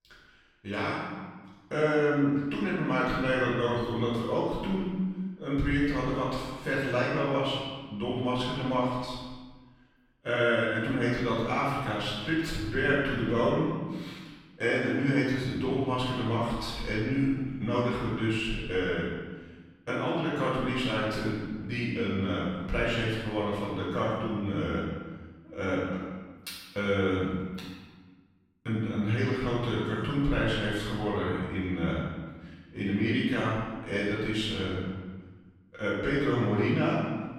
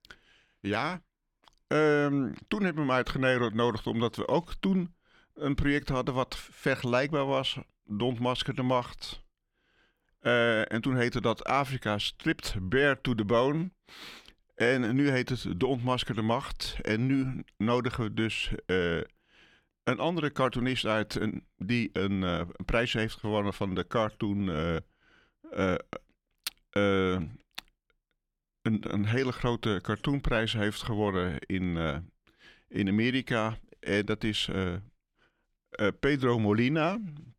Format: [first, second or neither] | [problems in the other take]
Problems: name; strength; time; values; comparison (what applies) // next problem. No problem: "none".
second | room echo; strong; dies away in 1.2 s // off-mic speech; far